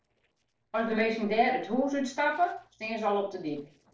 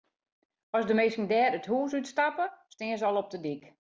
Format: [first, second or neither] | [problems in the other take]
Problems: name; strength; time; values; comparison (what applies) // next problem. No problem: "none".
second | noise reduction (neural separator model SepFormer DNS4)